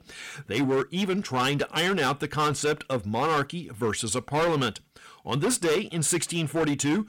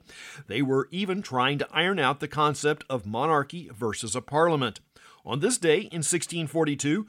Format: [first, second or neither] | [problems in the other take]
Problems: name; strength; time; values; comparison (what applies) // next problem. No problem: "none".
second | distortion; heavy; 14% of the sound clipped